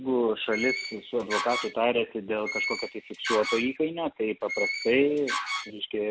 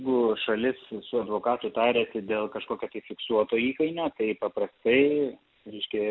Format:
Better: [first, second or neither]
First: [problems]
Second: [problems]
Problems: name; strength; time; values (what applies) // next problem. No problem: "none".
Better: second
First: background sound (Door); 5 dB below the speech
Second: none